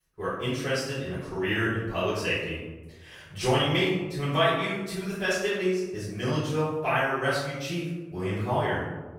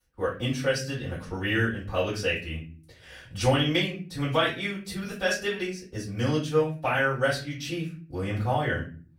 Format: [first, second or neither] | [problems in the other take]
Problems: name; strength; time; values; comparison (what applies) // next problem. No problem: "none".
second | room echo; strong; dies away in 1 s; slight in the second // off-mic speech; far; far in the second